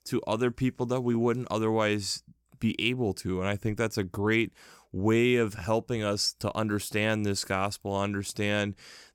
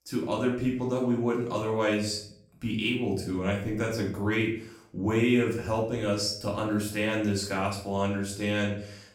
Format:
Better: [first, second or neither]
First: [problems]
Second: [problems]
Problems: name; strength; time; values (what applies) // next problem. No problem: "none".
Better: first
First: none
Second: off-mic speech; far // room echo; noticeable; dies away in 0.5 s